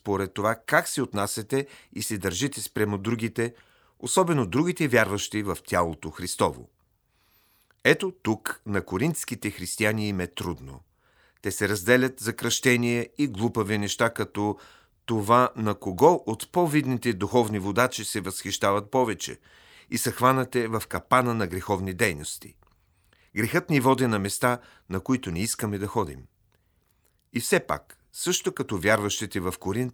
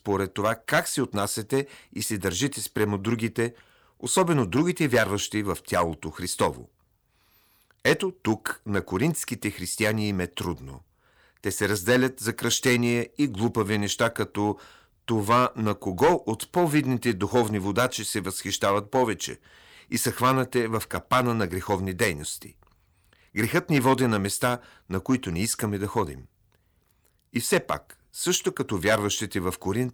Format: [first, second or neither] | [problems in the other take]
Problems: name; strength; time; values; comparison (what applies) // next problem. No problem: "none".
first | distortion; slight; 1.5% of the sound clipped